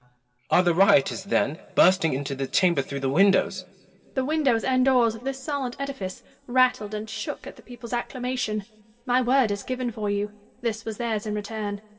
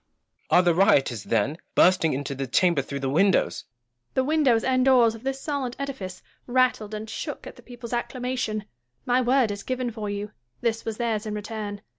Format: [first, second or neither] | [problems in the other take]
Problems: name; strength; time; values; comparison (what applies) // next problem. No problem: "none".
second | room echo; dies away in 1.9 s